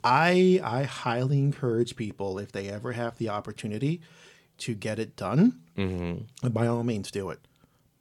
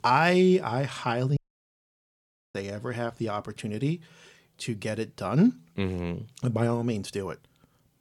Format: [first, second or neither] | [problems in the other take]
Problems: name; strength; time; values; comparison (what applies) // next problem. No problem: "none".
first | audio cutting out; at 1.5 s for 1 s